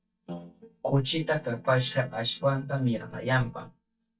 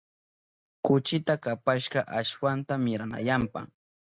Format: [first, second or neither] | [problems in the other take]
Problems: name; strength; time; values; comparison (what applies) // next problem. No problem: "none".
second | noise reduction (neural mask model DeepFilterNet 3)